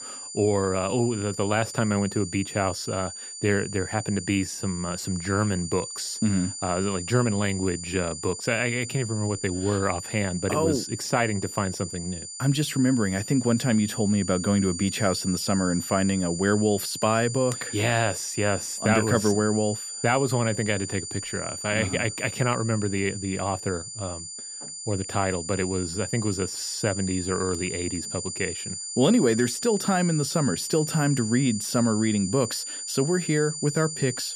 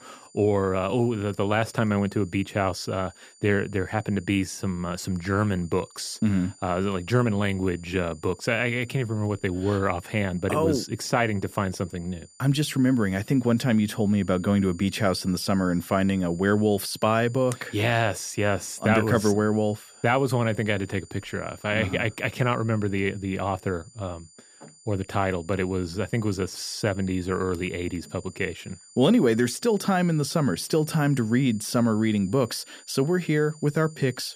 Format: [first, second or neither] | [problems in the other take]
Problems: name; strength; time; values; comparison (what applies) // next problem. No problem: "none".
second | high-pitched whine; loud; throughout; 7 kHz, 7 dB below the speech; faint in the second